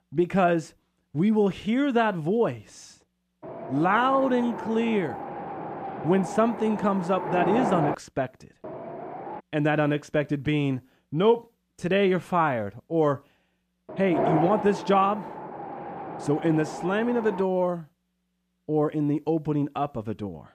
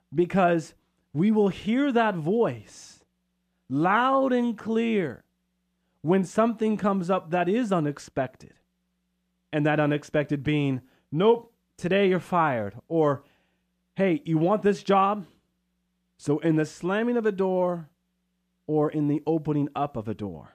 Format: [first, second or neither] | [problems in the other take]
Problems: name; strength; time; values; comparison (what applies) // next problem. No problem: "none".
second | wind noise on the microphone; heavy; from 3.5 to 9.5 s and from 14 to 17 s; 6 dB below the speech